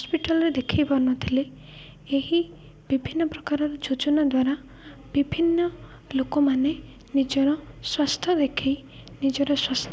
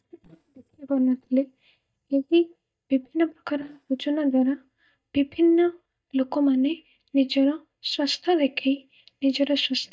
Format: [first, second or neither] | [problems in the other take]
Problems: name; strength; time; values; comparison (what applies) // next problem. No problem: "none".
first | noise reduction (neural mask model DeepFilterNet 3)